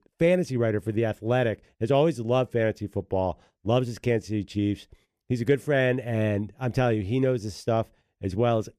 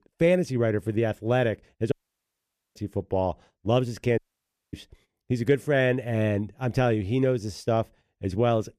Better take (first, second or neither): first